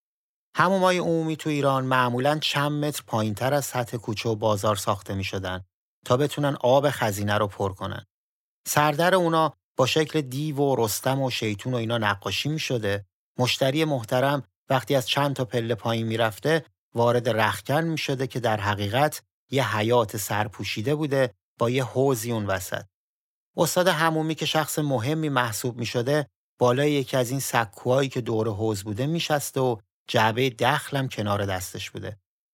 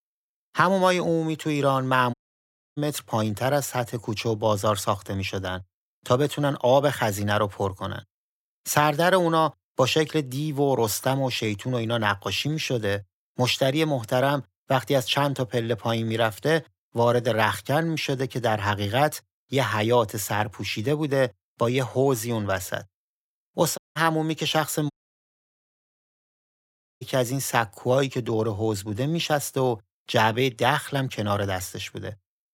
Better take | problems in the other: first | audio cutting out; at 2 s for 0.5 s, at 24 s and at 25 s for 2 s

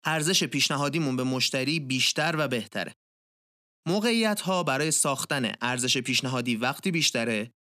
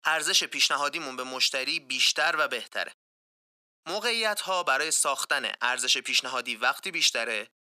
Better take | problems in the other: first | thin; very; fading below 650 Hz

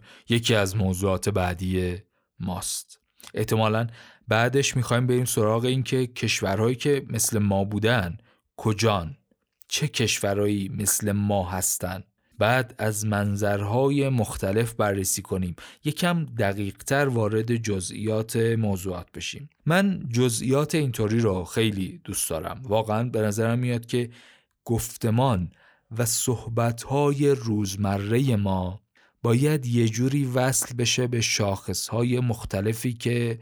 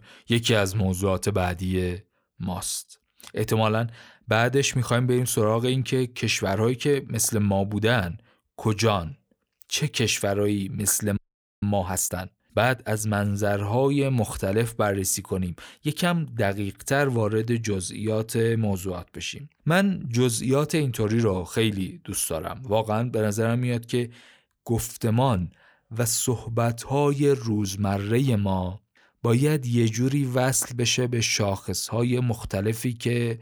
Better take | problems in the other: first | audio freezing; at 11 s

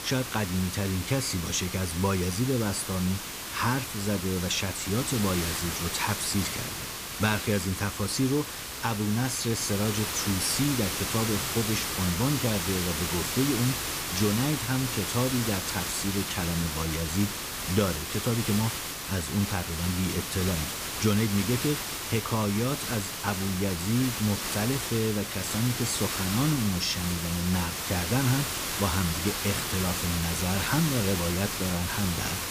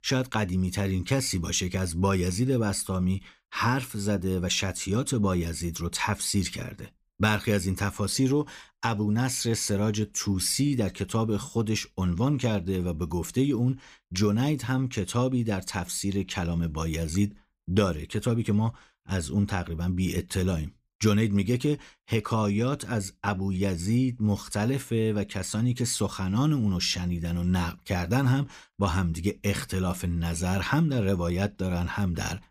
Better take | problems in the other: second | hiss; loud; throughout; 2 dB below the speech

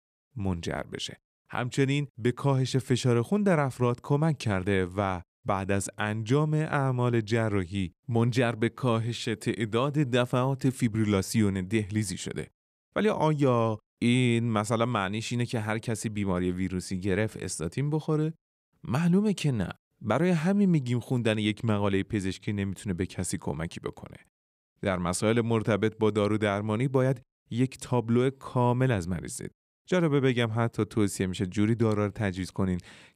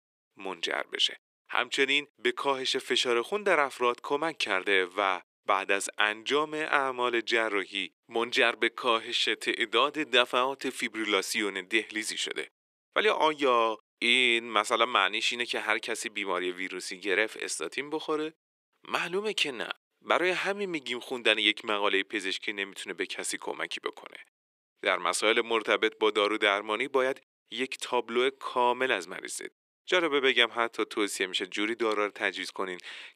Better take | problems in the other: first | thin; very; fading below 350 Hz

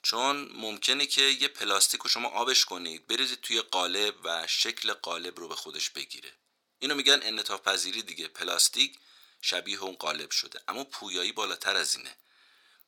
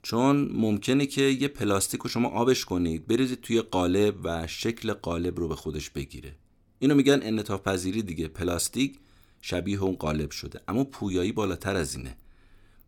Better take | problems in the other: second | thin; very; fading below 800 Hz

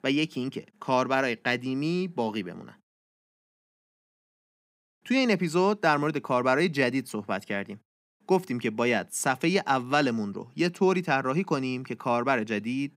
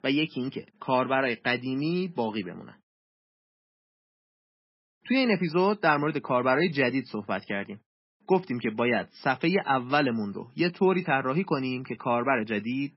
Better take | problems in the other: first | garbled, watery; badly; nothing above 5.5 kHz

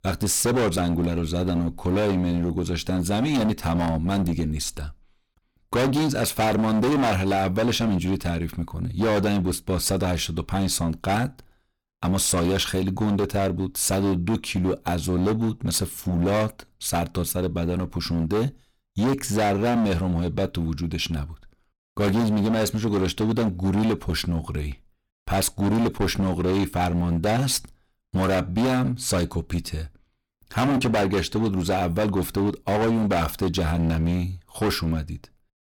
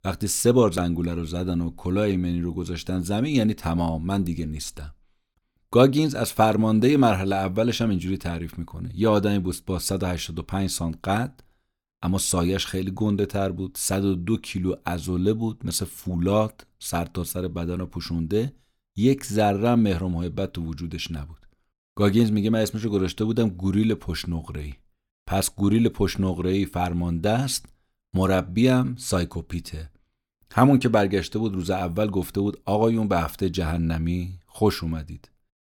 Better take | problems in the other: second | distortion; heavy; 19% of the sound clipped

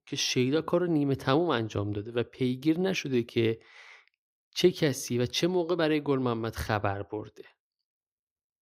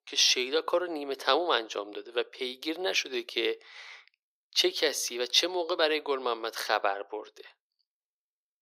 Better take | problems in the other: first | thin; very; fading below 450 Hz

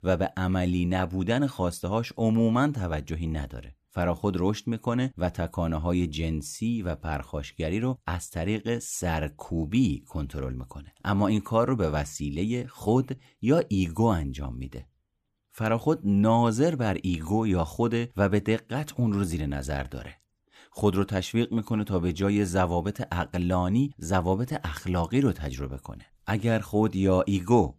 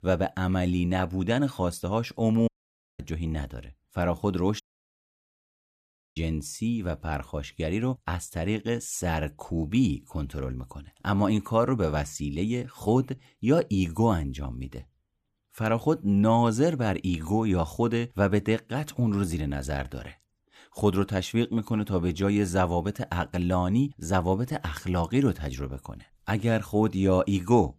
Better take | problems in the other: first | audio cutting out; at 2.5 s for 0.5 s and at 4.5 s for 1.5 s

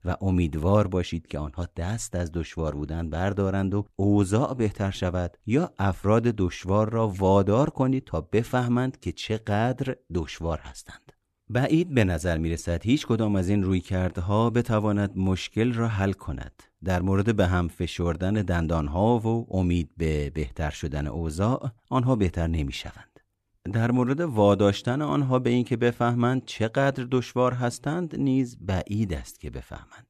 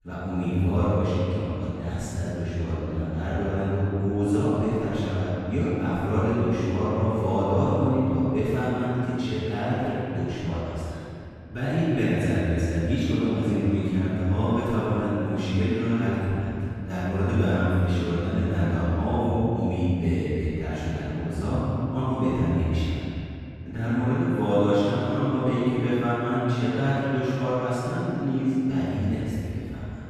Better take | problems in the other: first | off-mic speech; far // room echo; strong; dies away in 2.7 s

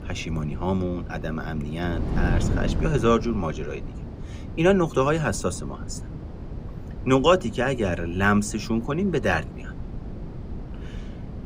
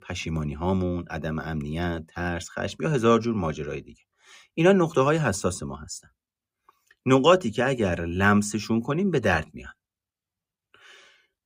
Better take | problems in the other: second | wind noise on the microphone; occasional gusts; 15 dB below the speech

